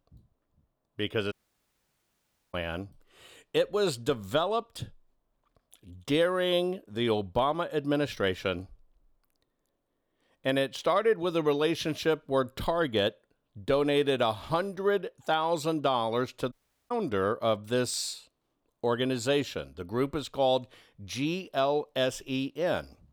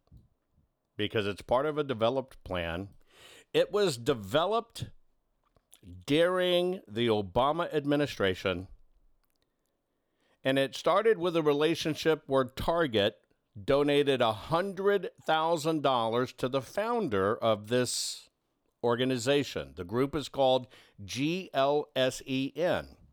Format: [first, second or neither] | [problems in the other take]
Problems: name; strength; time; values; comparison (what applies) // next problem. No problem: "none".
second | audio cutting out; at 1.5 s for 1 s and at 17 s